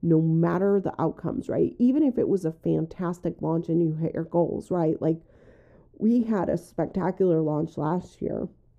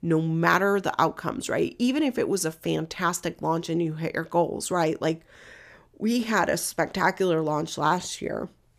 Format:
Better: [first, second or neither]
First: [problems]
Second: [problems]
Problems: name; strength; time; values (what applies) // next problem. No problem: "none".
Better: second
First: muffled; very; fading above 1 kHz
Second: none